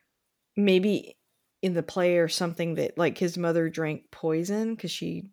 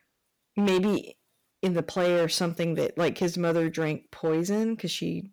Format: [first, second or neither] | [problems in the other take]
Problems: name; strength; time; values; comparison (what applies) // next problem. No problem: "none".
first | distortion; slight; 9% of the sound clipped